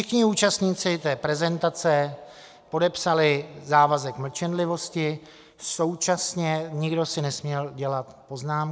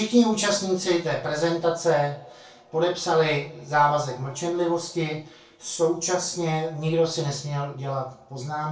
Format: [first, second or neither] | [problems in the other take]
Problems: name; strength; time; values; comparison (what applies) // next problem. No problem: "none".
first | room echo; dies away in 0.2 s